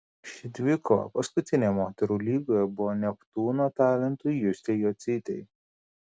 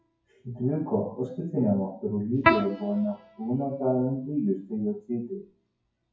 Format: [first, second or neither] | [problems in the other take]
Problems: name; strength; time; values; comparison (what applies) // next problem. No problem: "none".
first | noise reduction (classical method WPE with log-MMSE)